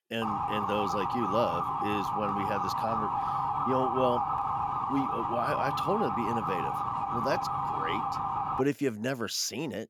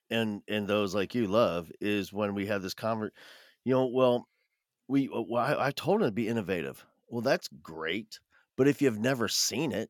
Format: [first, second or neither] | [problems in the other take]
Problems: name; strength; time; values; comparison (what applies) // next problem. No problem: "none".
second | siren; loud; until 8.5 s; peak 4 dB above the speech